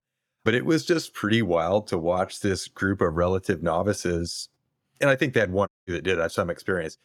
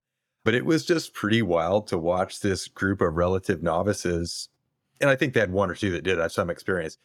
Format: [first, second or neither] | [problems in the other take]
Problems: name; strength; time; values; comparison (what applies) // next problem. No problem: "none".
second | audio cutting out; at 5.5 s